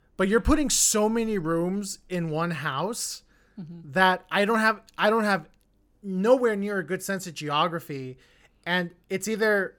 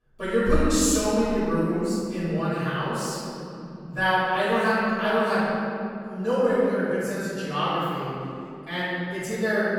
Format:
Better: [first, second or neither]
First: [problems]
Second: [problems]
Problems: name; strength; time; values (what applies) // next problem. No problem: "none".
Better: first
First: none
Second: off-mic speech; far // room echo; strong; dies away in 2.5 s